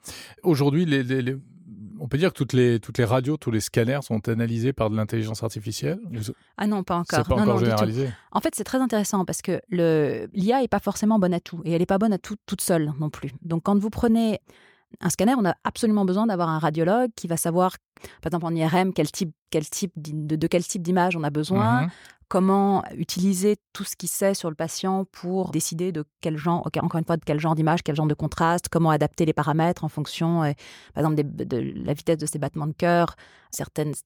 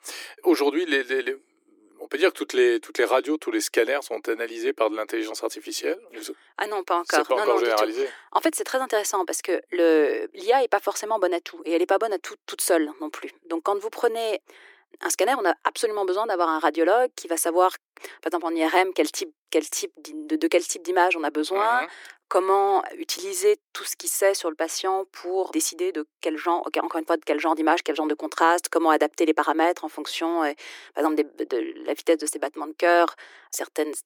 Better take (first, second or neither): first